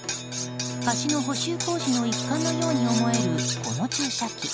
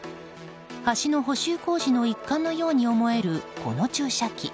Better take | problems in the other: second | background sound (Bowed string instrument + Cutlery, silverware); 1 dB below the speech

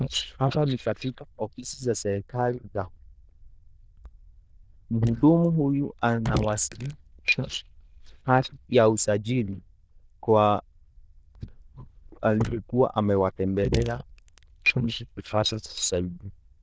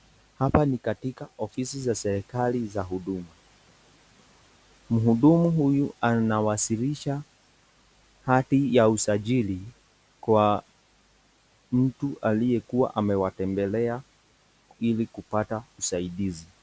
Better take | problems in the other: second | noise reduction (neural diffusion model UNIVERSE++)

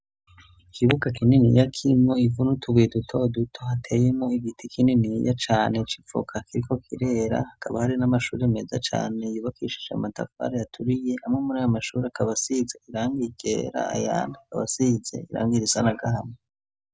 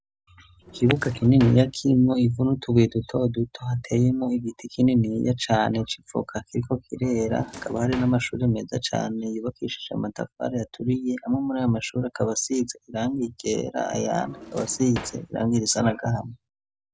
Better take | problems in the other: first | background sound (Drawer open or close); 16 dB below the speech

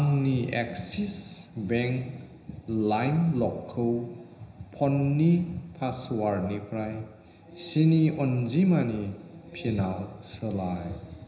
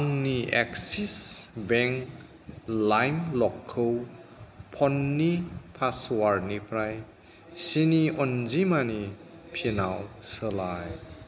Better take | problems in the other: second | room echo; dies away in 0.9 s

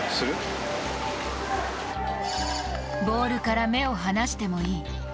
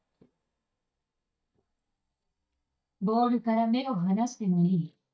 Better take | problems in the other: first | noise reduction (neural mask model DeepFilterNet 3)

